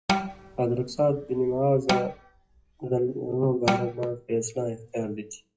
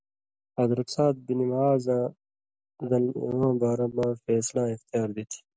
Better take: second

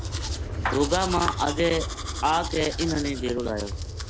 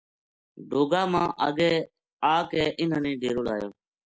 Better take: second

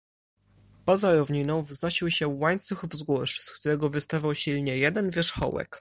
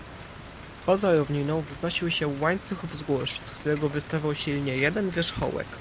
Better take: first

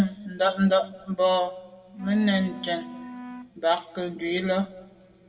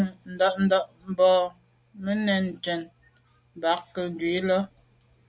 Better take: second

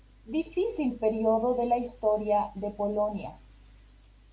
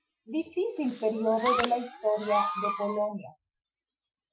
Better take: first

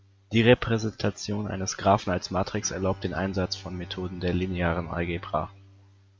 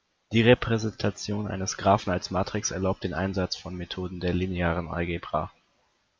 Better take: second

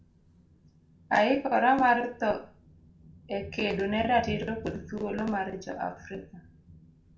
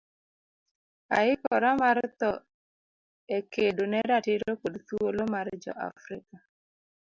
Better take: second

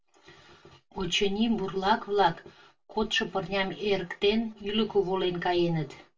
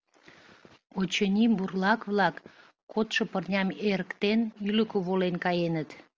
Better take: second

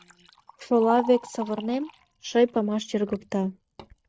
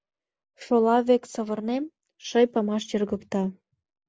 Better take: second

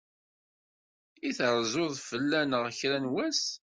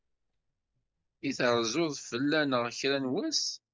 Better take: first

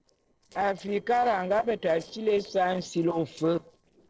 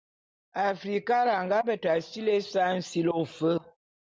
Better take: second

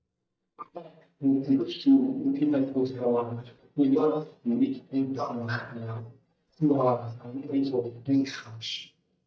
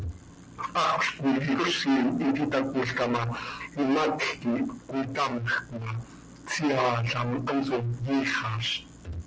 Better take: second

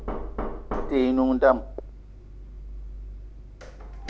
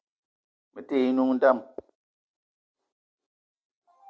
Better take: second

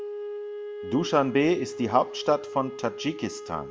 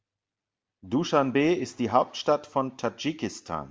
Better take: second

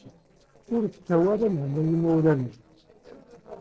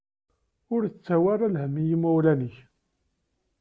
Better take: second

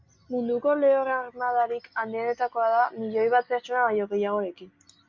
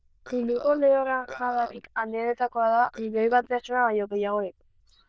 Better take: first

